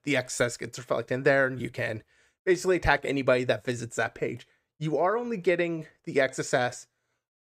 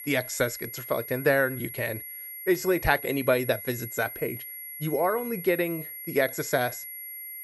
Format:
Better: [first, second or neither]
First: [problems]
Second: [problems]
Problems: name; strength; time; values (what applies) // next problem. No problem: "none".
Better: first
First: none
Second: high-pitched whine; loud; throughout; 11.5 kHz, 9 dB below the speech